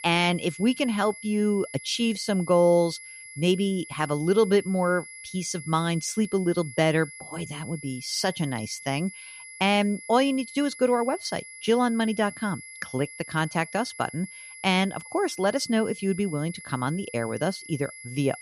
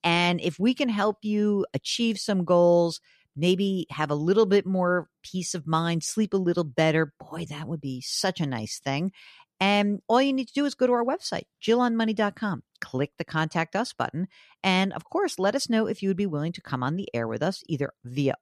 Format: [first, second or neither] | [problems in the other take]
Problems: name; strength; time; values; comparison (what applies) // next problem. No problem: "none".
second | high-pitched whine; noticeable; throughout; 2 kHz, 15 dB below the speech